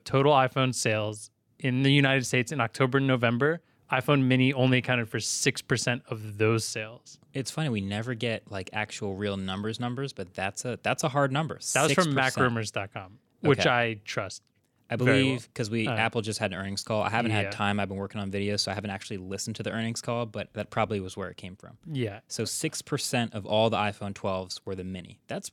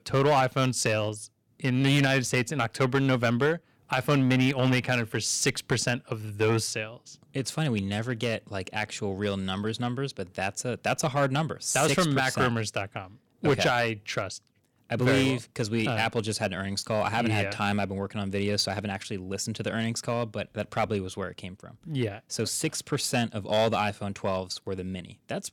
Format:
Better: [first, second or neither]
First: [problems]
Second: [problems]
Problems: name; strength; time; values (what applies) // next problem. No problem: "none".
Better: first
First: none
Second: distortion; slight; 3% of the sound clipped